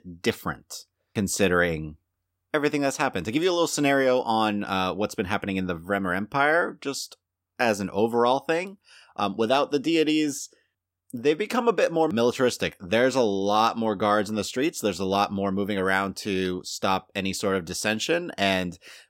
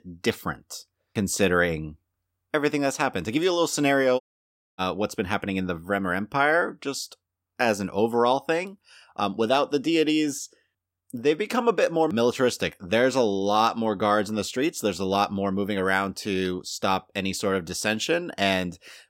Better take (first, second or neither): first